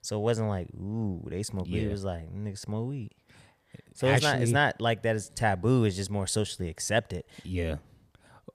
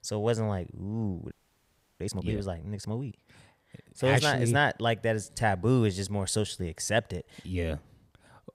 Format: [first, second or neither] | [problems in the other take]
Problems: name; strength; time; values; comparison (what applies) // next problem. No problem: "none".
first | audio freezing; at 1.5 s for 0.5 s